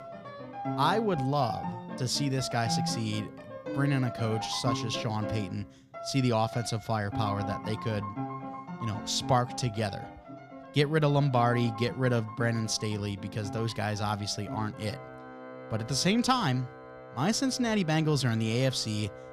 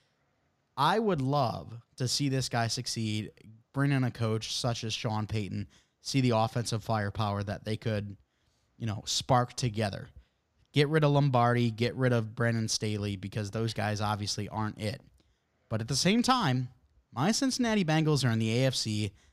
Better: second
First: background music; noticeable; throughout; 10 dB below the speech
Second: none

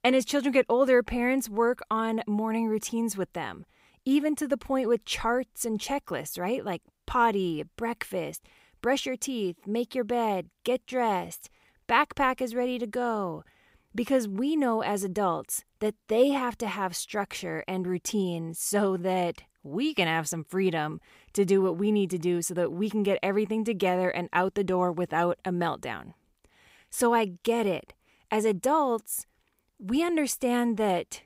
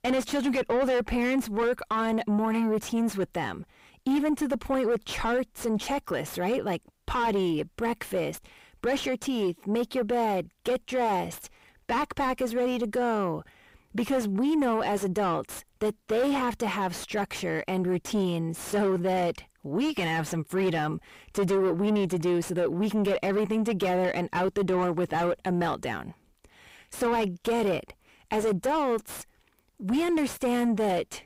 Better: first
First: none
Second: distortion; heavy; 7 dB below the speech

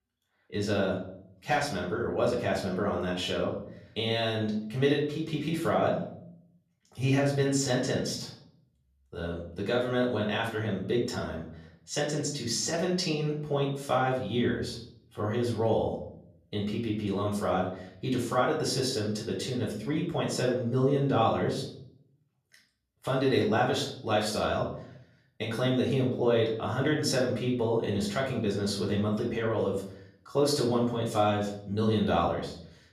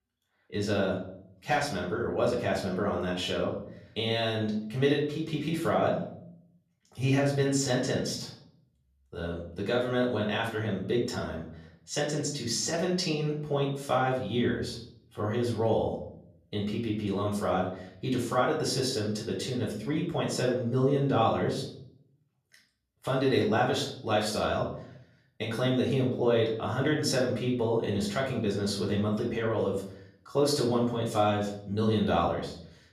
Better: neither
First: off-mic speech; far // room echo; slight; dies away in 0.6 s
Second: off-mic speech; far // room echo; slight; dies away in 0.6 s

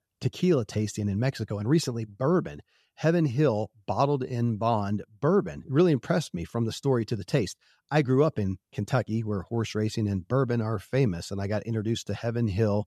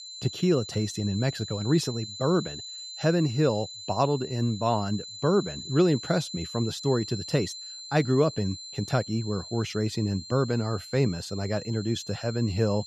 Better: first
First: none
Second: high-pitched whine; noticeable; throughout; 4 kHz, 10 dB below the speech

